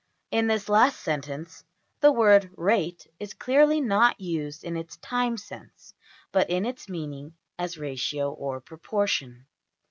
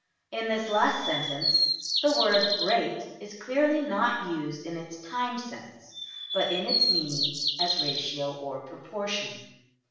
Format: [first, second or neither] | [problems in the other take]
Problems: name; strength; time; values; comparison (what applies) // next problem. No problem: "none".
first | background sound (Bird vocalization, bird call, bird song); 1 dB above the speech // room echo; dies away in 0.9 s